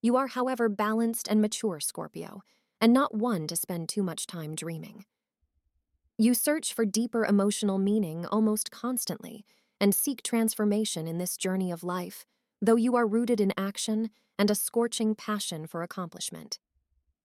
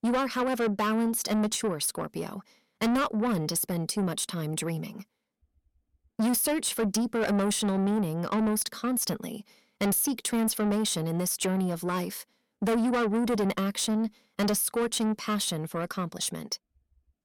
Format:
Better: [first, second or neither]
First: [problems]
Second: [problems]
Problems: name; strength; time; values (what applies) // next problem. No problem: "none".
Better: first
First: none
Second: distortion; heavy; 8 dB below the speech